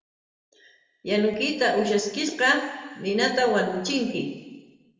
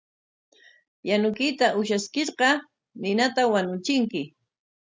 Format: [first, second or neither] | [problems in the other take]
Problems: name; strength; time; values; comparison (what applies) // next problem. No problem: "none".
second | room echo; dies away in 1.2 s